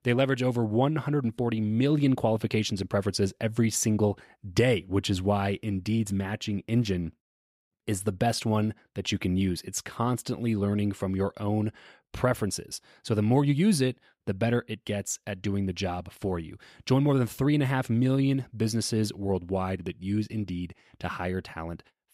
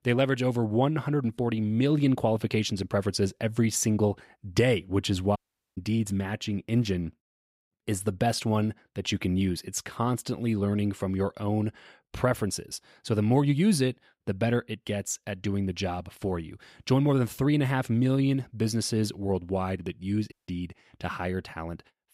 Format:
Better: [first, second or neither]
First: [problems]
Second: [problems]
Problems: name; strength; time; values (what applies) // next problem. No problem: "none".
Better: first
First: none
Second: audio cutting out; at 5.5 s and at 20 s